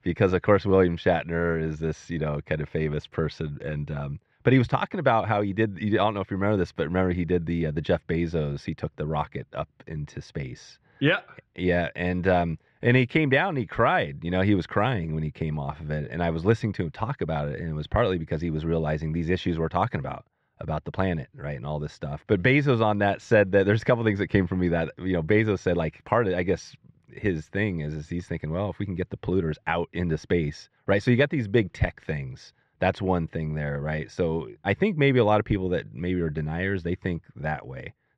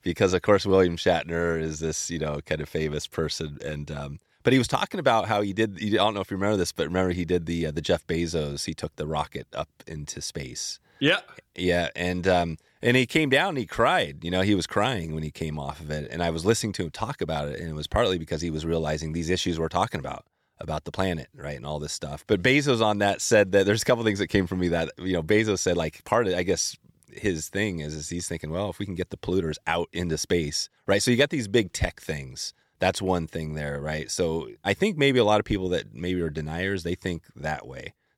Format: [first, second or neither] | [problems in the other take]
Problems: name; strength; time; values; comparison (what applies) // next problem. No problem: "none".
second | muffled; very; fading above 2 kHz